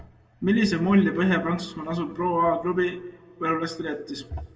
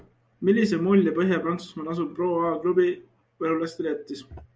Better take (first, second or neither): second